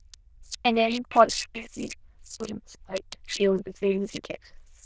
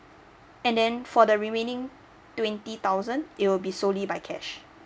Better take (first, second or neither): second